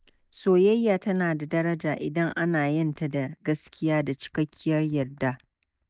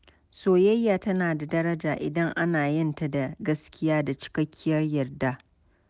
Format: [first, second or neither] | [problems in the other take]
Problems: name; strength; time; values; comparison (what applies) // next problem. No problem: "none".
second | noise reduction (neural mask model DeepFilterNet 3)